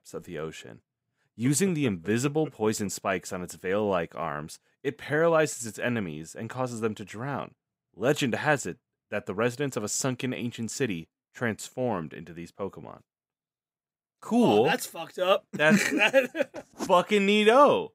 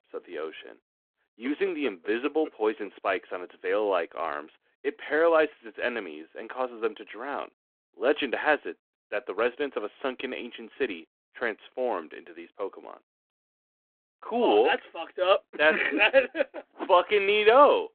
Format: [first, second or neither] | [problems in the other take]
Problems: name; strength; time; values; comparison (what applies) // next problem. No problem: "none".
first | phone-call audio